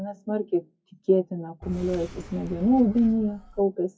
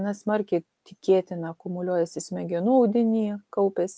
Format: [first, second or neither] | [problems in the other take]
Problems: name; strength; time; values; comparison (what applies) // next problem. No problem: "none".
second | noise reduction (classical method WPE with log-MMSE)